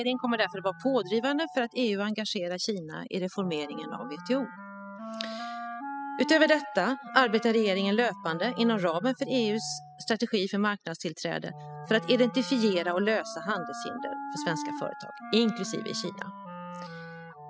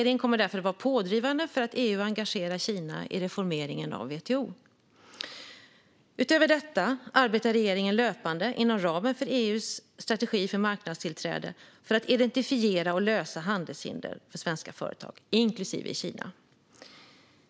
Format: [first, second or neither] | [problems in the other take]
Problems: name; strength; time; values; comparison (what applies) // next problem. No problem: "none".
second | noise reduction (classical method spectral subtraction)